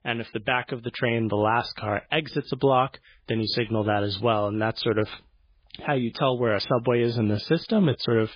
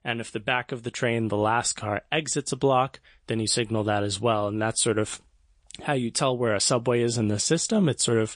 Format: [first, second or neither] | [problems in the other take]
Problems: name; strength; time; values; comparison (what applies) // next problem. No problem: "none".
second | garbled, watery; badly; slightly in the second